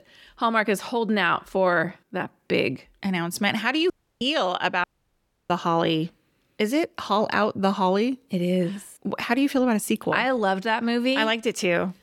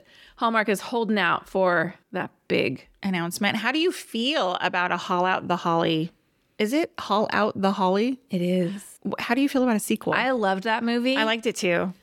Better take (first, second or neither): second